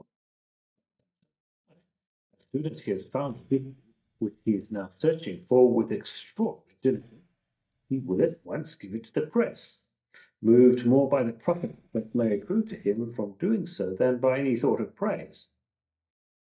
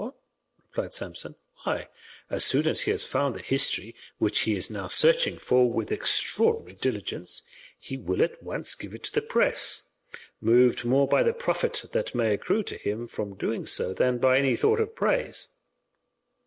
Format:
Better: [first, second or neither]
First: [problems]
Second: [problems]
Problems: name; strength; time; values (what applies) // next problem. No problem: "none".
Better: second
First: noise reduction (neural mask model DeepFilterNet 3)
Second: none